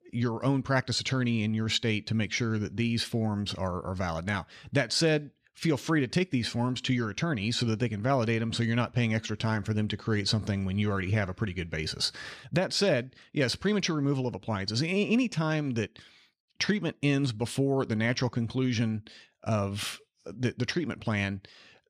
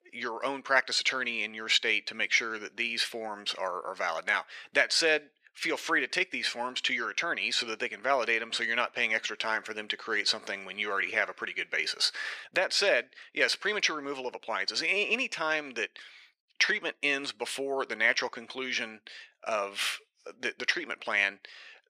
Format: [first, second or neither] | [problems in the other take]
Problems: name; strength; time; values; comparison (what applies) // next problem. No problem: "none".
first | thin; very; fading below 450 Hz